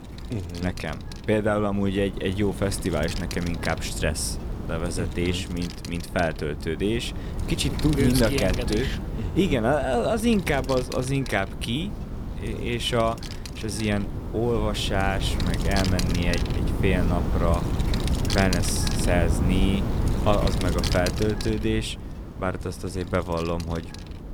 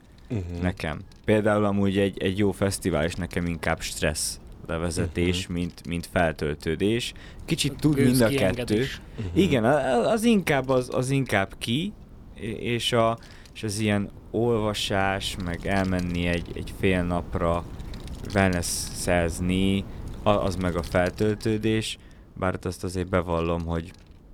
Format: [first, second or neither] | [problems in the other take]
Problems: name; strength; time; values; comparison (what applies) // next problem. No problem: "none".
second | wind noise on the microphone; heavy; 8 dB below the speech; occasional gusts in the second